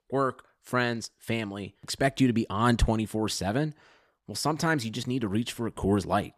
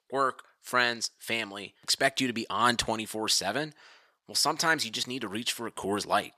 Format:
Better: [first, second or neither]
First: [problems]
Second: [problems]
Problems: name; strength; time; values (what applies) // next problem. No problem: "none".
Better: first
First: none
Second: thin; somewhat; fading below 1 kHz